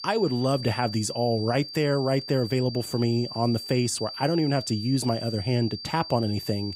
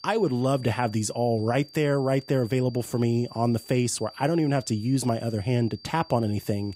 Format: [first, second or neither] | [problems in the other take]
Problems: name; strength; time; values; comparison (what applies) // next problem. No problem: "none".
second | high-pitched whine; loud; throughout; 4.5 kHz, 10 dB below the speech; faint in the second